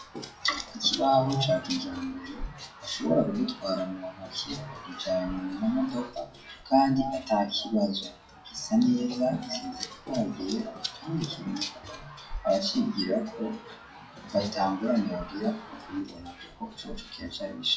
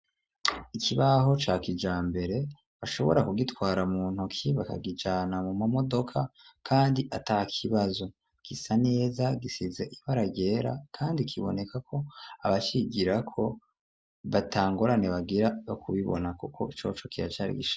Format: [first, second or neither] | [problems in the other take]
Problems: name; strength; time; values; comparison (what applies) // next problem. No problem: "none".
second | noise reduction (classical method WPE with log-MMSE)